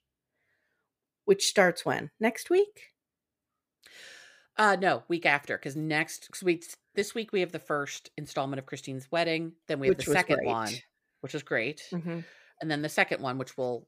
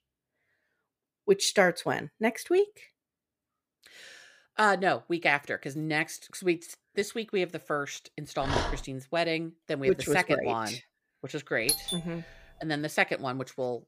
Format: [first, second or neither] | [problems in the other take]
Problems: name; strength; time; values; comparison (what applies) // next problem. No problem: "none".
first | dog barking; noticeable; at 8.5 s; peak 2 dB below the speech // doorbell; loud; at 12 s; peak 1 dB above the speech